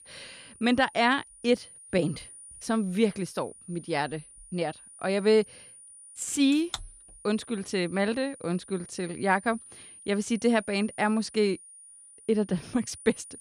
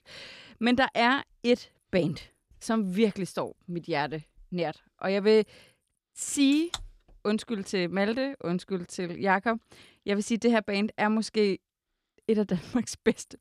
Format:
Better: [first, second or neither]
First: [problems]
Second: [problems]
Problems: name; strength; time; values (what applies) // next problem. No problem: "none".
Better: second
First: high-pitched whine; noticeable; throughout; 9.5 kHz, 20 dB below the speech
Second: none